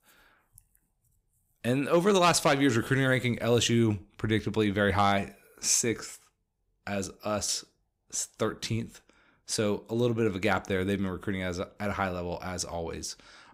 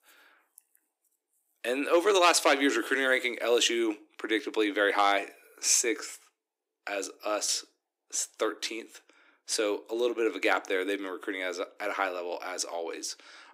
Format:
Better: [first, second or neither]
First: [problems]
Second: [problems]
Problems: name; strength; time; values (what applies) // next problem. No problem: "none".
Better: first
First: none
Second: thin; somewhat; fading below 300 Hz